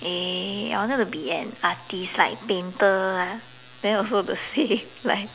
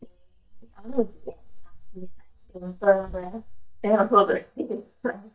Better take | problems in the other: first | noise reduction (neural mask model DeepFilterNet 3)

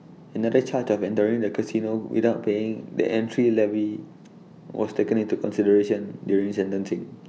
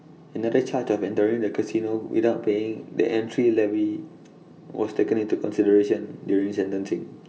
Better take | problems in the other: first | room echo; dies away in 1.9 s

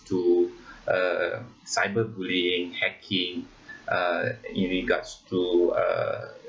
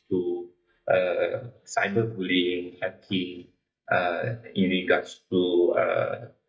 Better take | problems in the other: first | noise reduction (neural mask model DeepFilterNet 3)

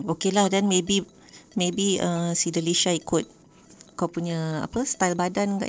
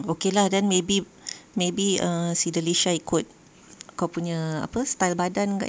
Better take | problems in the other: second | noise reduction (neural separator model SepFormer DNS4)

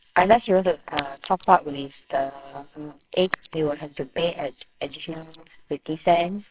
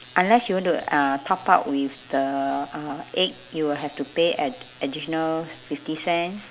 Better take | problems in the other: second | noise reduction (neural separator model SepFormer WHAMR!)

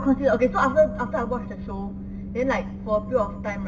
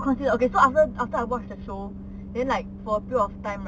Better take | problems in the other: second | room echo; dies away in 0.7 s

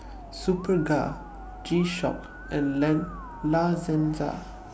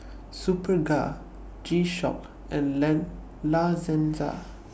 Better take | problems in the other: second | background sound (Musical instrument); 18 dB below the speech

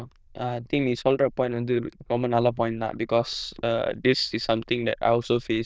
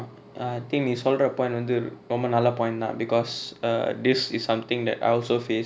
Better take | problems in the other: second | noise reduction (neural diffusion model UNIVERSE++)

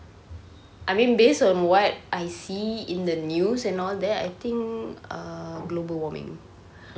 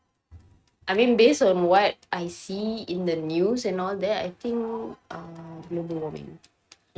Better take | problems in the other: first | noise reduction (neural mask model RNNoise)

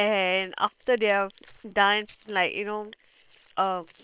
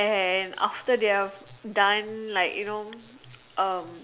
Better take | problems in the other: second | noise reduction (neural separator model SepFormer WHAM!)

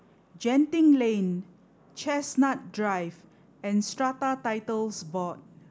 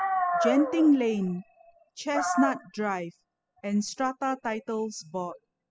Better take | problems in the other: first | noise reduction (classical method spectral subtraction)

